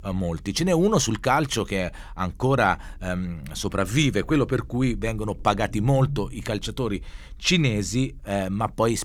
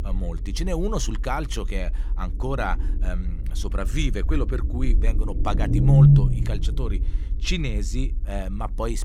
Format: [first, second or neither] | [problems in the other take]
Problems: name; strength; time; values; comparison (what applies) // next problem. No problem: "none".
first | low rumble; loud; throughout; as loud as the speech; faint in the first